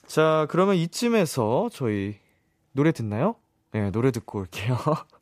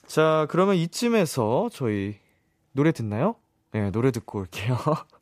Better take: neither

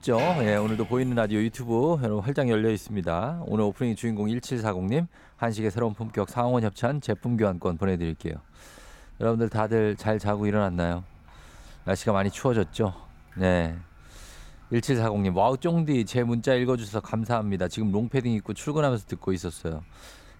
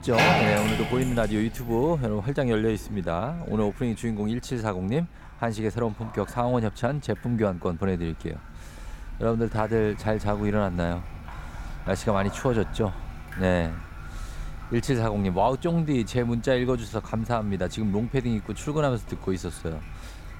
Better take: first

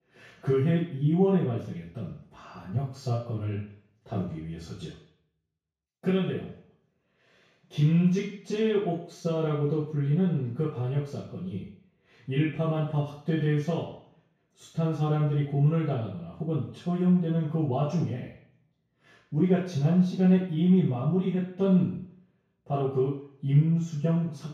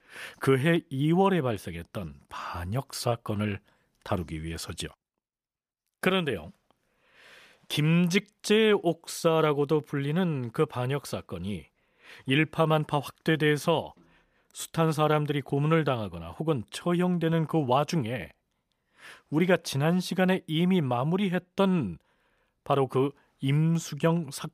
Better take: second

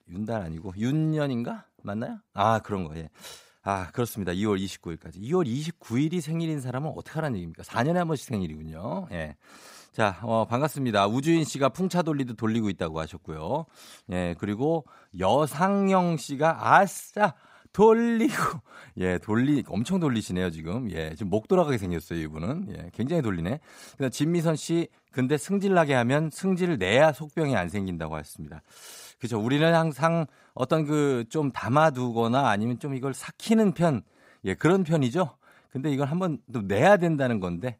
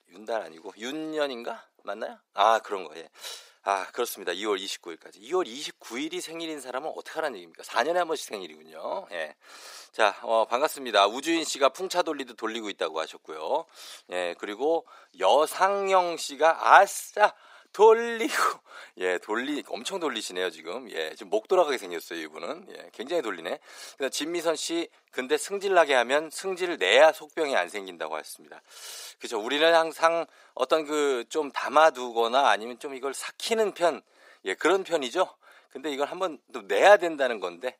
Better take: first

